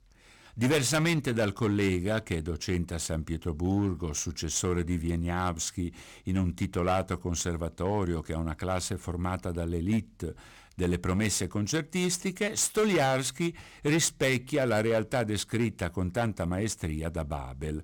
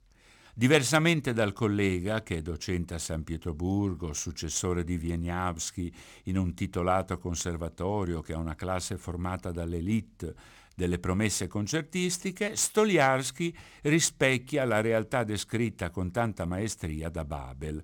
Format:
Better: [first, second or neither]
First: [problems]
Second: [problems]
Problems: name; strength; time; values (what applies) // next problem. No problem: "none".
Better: second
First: distortion; slight; 5% of the sound clipped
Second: none